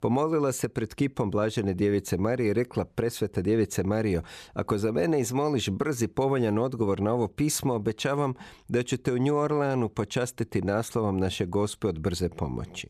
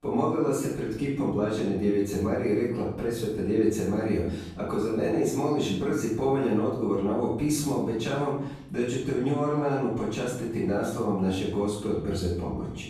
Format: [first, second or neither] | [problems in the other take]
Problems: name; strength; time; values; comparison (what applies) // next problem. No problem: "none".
first | off-mic speech; far // room echo; noticeable; dies away in 0.7 s